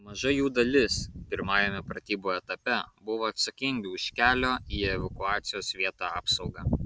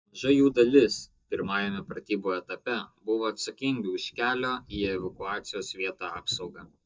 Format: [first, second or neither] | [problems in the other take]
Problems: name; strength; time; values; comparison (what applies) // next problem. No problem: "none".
first | noise reduction (neural mask model DeepFilterNet 3)